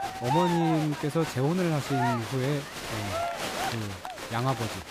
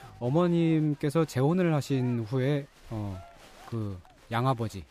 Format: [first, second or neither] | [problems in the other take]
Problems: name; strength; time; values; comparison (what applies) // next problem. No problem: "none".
second | crowd noise; loud; throughout; 4 dB below the speech; faint in the second